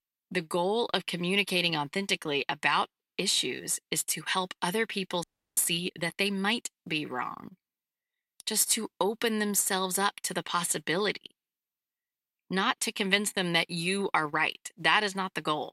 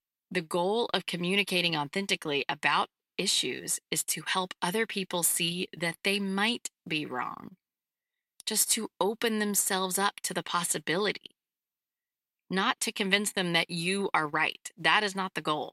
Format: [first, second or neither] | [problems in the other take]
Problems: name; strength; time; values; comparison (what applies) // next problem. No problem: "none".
second | audio freezing; at 5 s